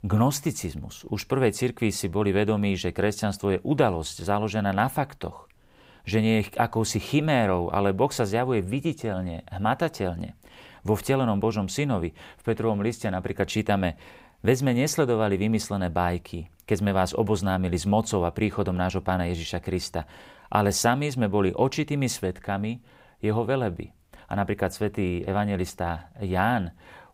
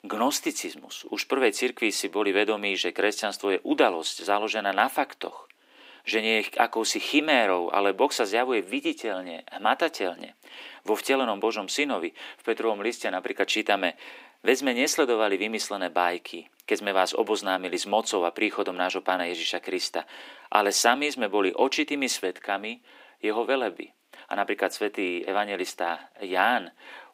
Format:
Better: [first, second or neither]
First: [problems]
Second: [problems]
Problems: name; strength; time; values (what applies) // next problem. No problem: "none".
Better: first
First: none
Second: thin; somewhat; fading below 300 Hz